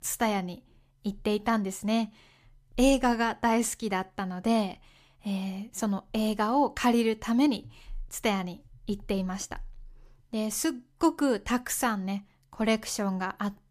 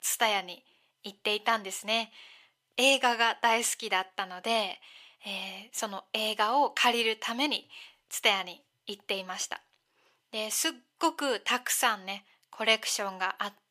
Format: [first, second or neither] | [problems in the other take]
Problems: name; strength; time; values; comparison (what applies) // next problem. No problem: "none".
first | thin; somewhat; fading below 550 Hz